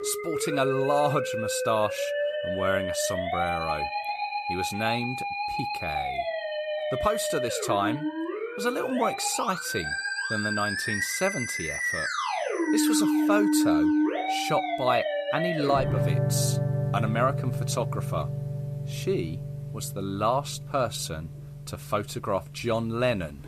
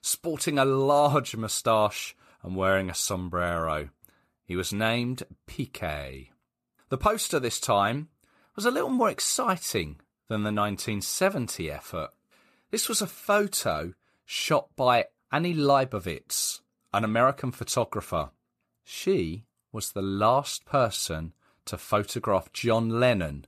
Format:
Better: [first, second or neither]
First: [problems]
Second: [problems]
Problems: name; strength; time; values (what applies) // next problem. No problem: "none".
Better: second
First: background music; very loud; throughout; 1 dB above the speech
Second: none